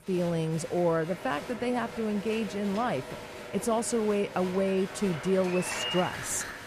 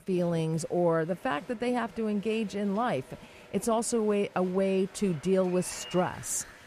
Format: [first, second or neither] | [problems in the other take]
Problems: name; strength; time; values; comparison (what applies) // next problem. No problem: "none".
second | crowd noise; loud; throughout; 9 dB below the speech; faint in the second